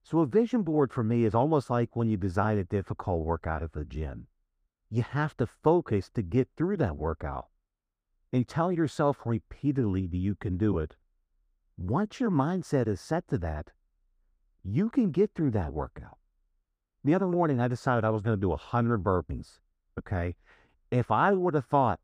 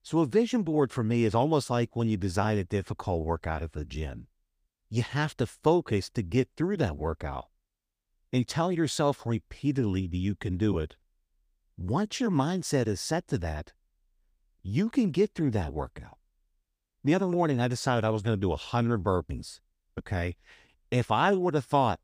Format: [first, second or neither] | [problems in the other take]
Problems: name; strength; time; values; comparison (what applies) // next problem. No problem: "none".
second | muffled; slightly; fading above 2 kHz